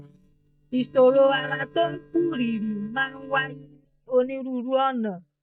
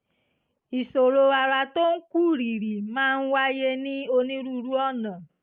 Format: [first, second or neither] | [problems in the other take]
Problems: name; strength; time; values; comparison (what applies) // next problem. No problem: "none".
second | noise reduction (neural mask model DeepFilterNet 3)